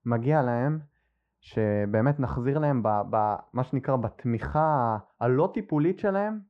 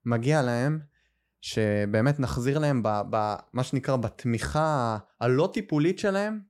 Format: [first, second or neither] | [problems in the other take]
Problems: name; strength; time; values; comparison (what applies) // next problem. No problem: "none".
second | muffled; very; fading above 3.5 kHz